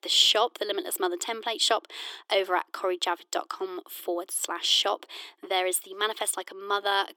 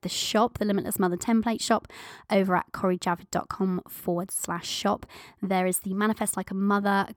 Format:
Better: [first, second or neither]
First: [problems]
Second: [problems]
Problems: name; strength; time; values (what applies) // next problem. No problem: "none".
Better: second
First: thin; very; fading below 300 Hz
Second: none